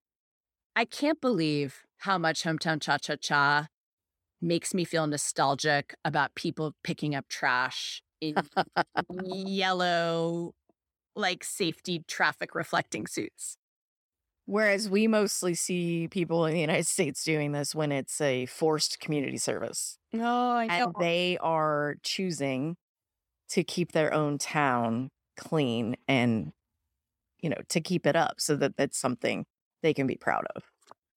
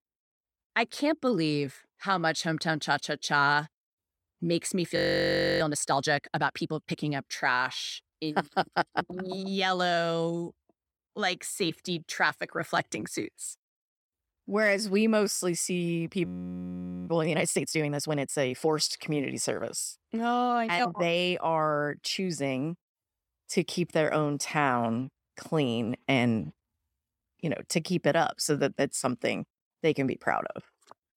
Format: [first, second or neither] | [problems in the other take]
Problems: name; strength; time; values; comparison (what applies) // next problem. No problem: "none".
first | audio freezing; at 5 s for 0.5 s and at 16 s for 1 s